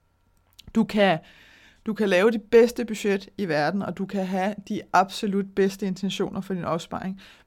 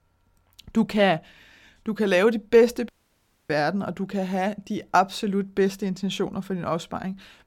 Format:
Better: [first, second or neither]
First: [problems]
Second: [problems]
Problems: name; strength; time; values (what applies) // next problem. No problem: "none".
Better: first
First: none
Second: audio cutting out; at 3 s for 0.5 s